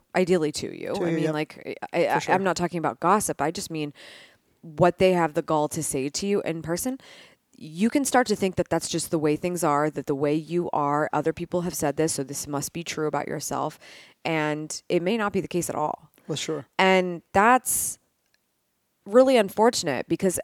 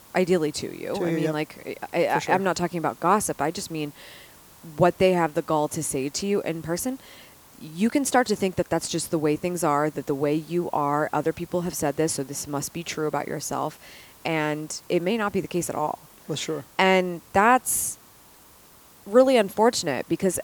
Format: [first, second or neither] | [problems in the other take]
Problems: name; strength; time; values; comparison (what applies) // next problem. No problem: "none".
first | hiss; faint; throughout; 25 dB below the speech